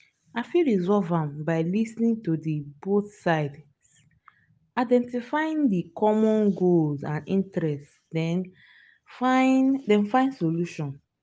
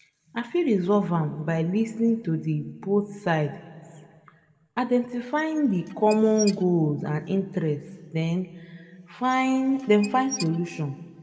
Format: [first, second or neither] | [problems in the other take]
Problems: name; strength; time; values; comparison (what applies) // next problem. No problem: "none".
first | background sound (Squeak / Dishes, pots, and pans); 16 dB below the speech // room echo; dies away in 1.5 s